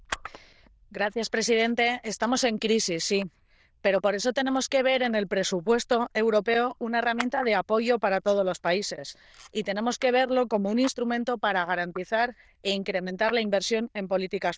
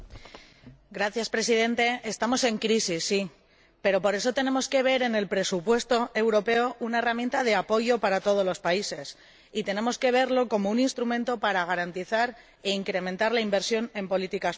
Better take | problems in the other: second | noise reduction (neural diffusion model UNIVERSE++)

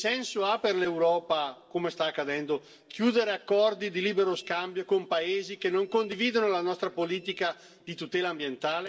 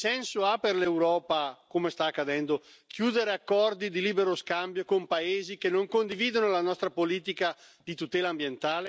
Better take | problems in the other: second | noise reduction (neural separator model SepFormer DNS4)

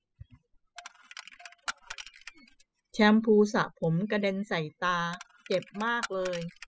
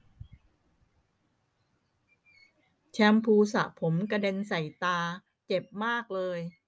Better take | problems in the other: second | noise reduction (classical method spectral subtraction)

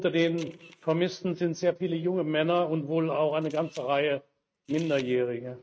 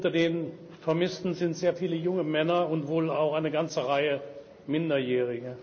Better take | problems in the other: second | noise reduction (neural mask model RNNoise)

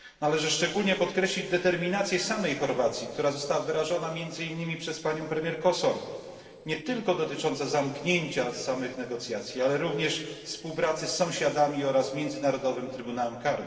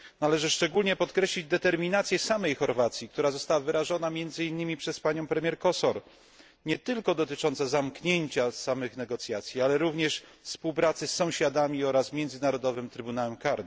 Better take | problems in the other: second | room echo; dies away in 2.3 s

